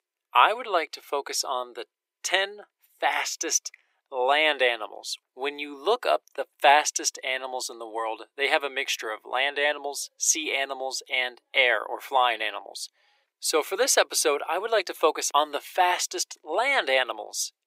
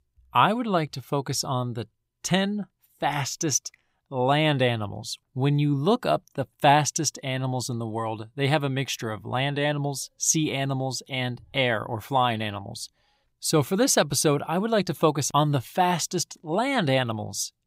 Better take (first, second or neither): second